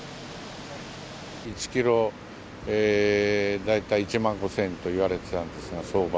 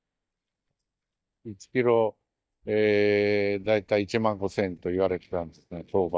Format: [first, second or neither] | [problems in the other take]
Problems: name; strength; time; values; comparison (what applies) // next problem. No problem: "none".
first | noise reduction (neural mask model DeepFilterNet 3)